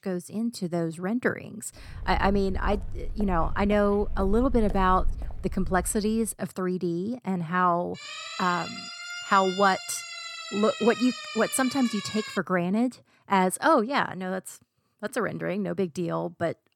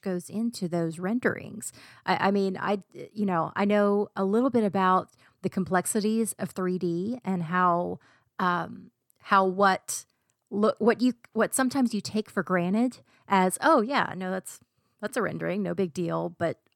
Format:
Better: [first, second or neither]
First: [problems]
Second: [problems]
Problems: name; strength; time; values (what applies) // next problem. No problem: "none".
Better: second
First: footsteps; noticeable; from 2 to 6 s; peak 8 dB below the speech // siren; noticeable; from 8 to 12 s; peak 8 dB below the speech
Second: none